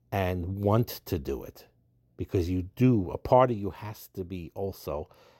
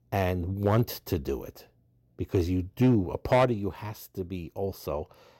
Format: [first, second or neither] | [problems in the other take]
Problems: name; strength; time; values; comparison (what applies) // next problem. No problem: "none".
first | distortion; slight; 1.8% of the sound clipped